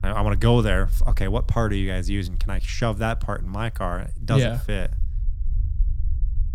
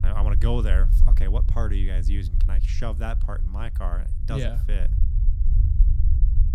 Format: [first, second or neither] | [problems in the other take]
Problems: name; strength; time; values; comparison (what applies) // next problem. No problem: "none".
first | low rumble; loud; throughout; 9 dB below the speech; faint in the first